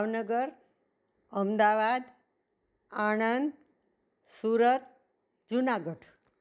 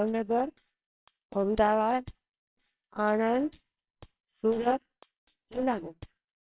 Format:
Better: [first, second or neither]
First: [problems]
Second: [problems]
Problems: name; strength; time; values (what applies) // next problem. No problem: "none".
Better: first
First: none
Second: noise reduction (neural separator model SepFormer WHAMR!)